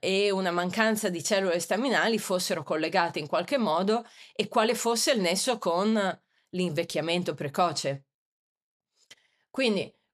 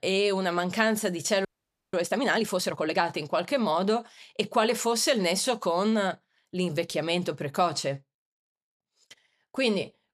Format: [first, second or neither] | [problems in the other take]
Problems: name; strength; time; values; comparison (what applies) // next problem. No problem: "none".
first | audio freezing; at 1.5 s